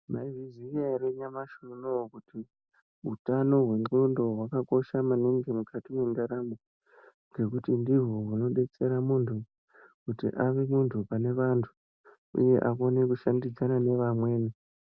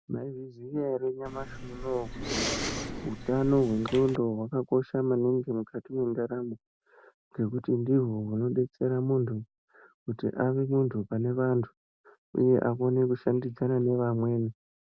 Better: first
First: none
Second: background sound (Respiratory sounds); 7 dB below the speech

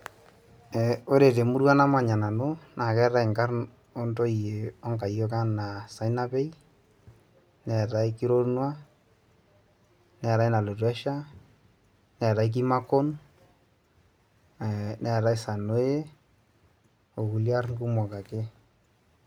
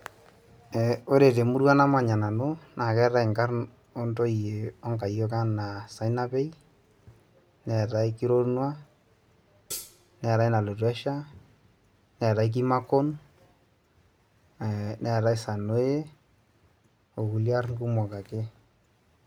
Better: first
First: none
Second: background sound (Hi-hat); 12 dB below the speech

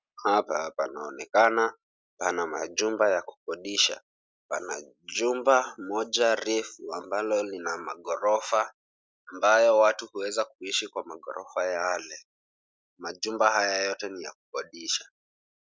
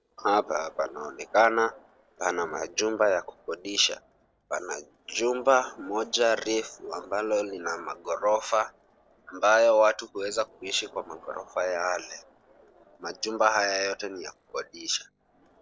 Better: first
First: none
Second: noise reduction (neural separator model SepFormer DNS4)

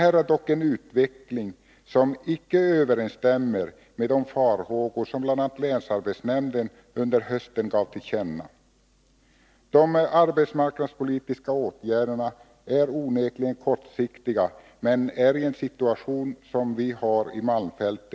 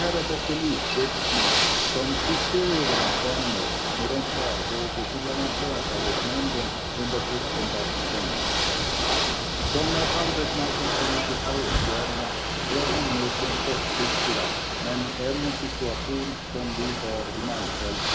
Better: first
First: none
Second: background sound (Ocean / Boat, Water vehicle); 5 dB above the speech // room echo; dies away in 0.4 s

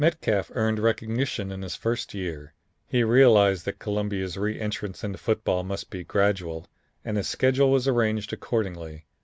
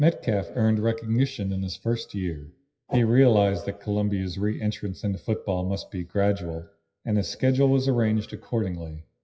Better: first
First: none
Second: noise reduction (classical method WPE with log-MMSE)

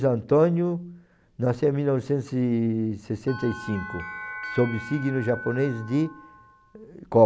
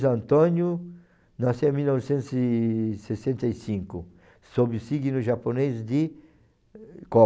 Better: second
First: background sound (Bell); 13 dB below the speech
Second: none

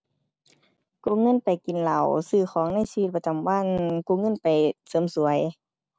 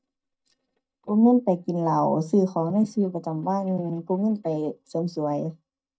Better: first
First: none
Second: noise reduction (neural mask model DeepFilterNet 3)

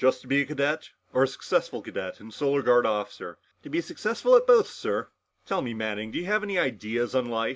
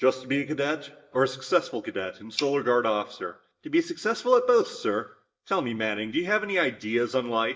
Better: first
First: none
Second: noise reduction (neural mask model DeepFilterNet 3)

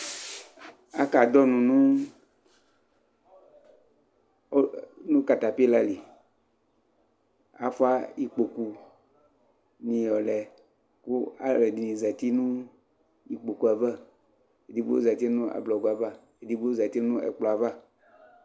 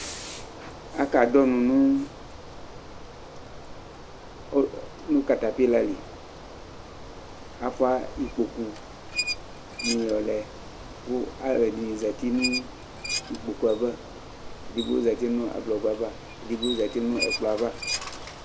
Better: first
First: none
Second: background sound (Bicycle + Squeak); 9 dB below the speech

